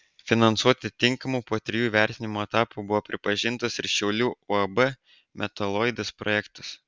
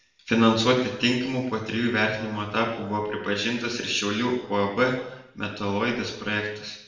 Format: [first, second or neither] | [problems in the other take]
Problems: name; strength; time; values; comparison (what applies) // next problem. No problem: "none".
first | room echo; dies away in 0.9 s